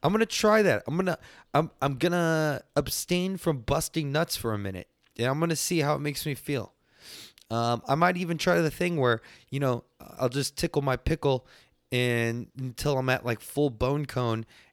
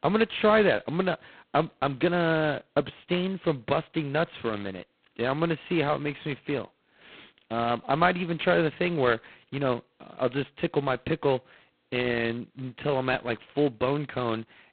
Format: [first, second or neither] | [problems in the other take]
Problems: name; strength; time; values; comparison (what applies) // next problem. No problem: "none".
first | phone-call audio; poor line; nothing above 4 kHz